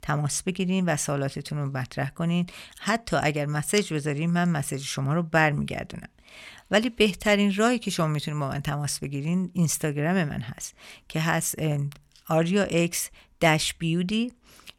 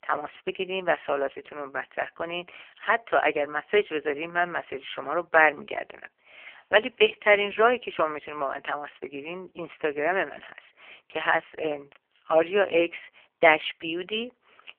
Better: first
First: none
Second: phone-call audio; poor line; nothing above 3 kHz

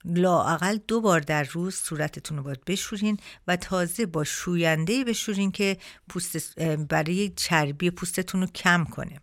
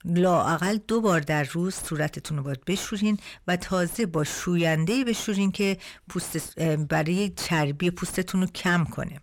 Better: first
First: none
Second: distortion; slight; 10 dB below the speech

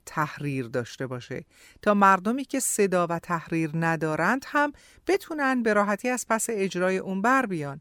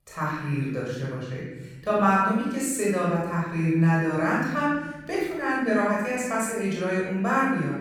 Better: first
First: none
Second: off-mic speech; far // room echo; strong; dies away in 1.4 s

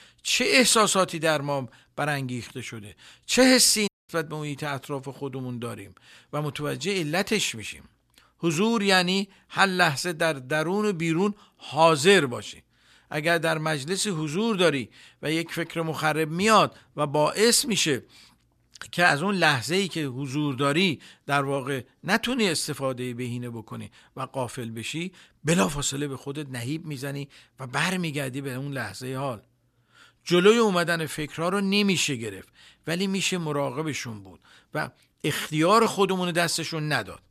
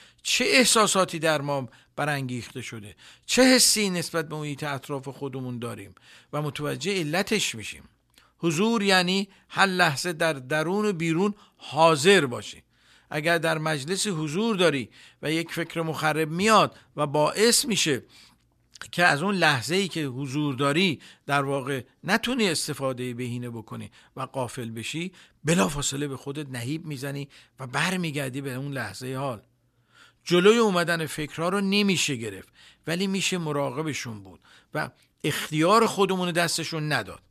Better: second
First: audio cutting out; at 4 s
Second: none

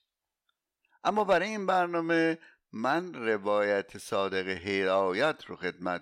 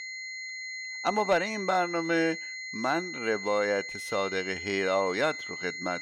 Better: first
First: none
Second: high-pitched whine; loud; throughout; 2 kHz, 7 dB below the speech

